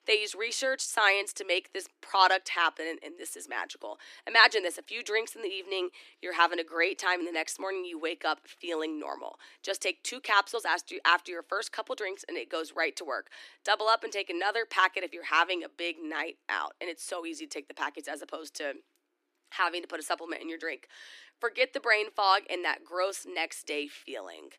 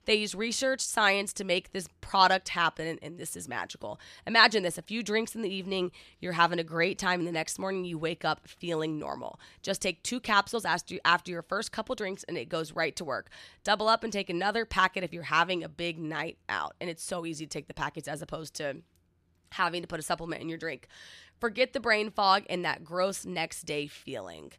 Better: second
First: thin; somewhat; fading below 300 Hz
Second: none

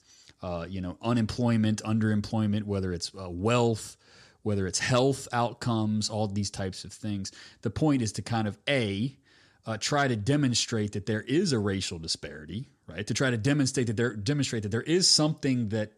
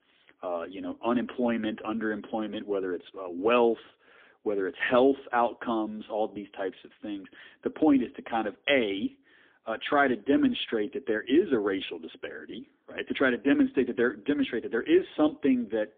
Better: first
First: none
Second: phone-call audio; poor line; nothing above 3.5 kHz

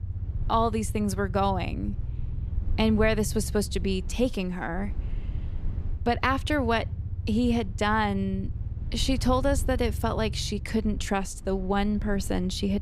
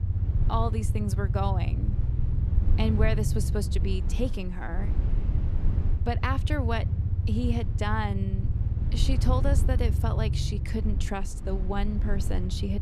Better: first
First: low rumble; faint; throughout; 20 dB below the speech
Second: low rumble; loud; throughout; 9 dB below the speech

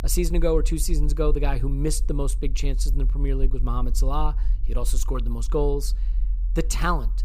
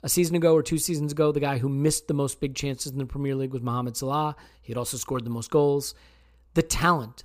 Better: second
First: low rumble; faint; throughout; 20 dB below the speech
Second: none

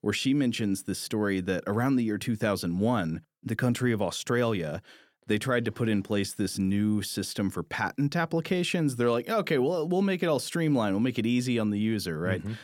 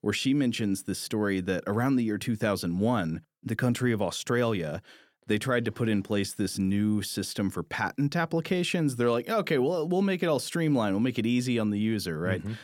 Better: neither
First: none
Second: none

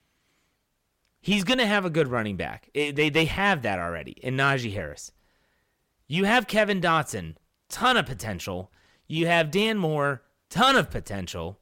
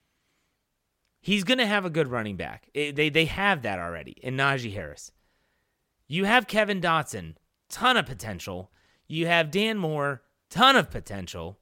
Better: second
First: distortion; slight; 10 dB below the speech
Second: none

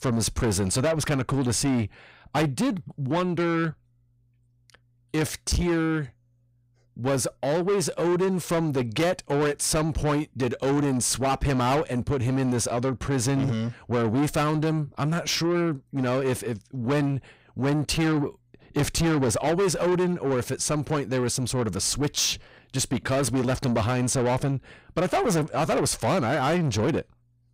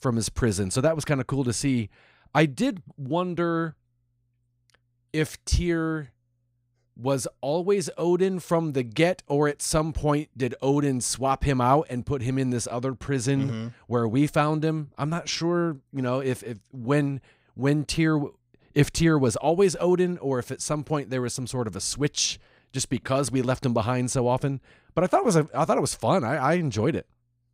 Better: second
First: distortion; heavy; 7 dB below the speech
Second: none

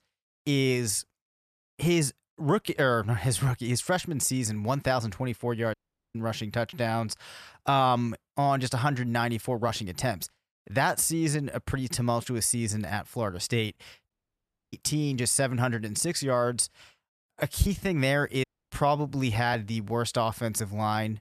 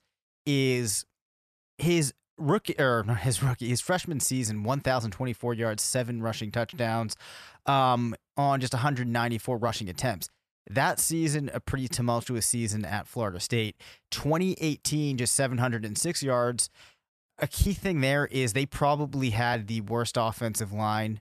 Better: second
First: audio cutting out; at 5.5 s, at 14 s for 0.5 s and at 18 s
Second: none

